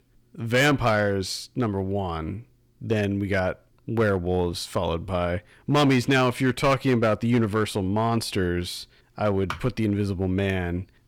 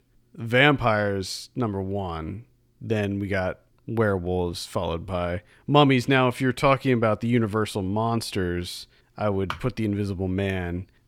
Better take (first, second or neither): second